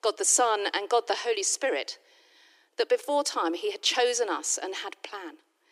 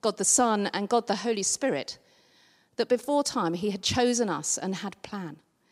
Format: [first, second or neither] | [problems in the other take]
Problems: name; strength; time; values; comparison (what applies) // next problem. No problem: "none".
second | thin; very; fading below 300 Hz